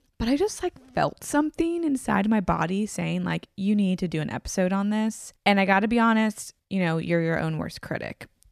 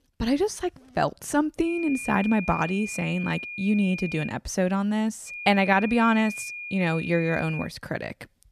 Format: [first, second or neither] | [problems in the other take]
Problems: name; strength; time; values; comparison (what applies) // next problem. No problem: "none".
first | high-pitched whine; loud; from 1.5 to 4.5 s and from 5.5 to 7.5 s; 2.5 kHz, 9 dB below the speech